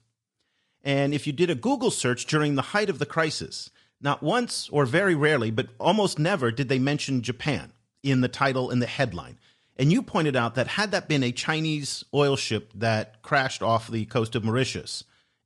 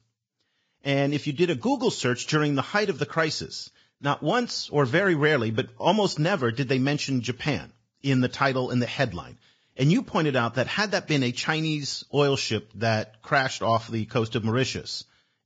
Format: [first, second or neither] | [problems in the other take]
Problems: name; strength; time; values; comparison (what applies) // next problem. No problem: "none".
first | garbled, watery; badly; nothing above 7.5 kHz; slightly in the first